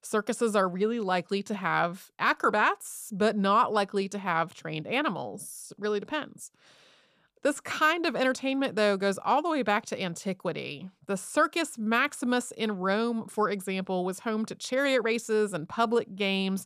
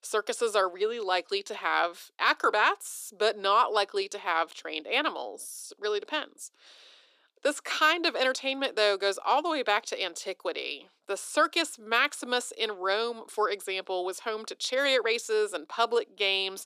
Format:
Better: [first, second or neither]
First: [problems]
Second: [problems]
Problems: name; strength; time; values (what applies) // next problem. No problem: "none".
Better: first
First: none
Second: thin; somewhat; fading below 300 Hz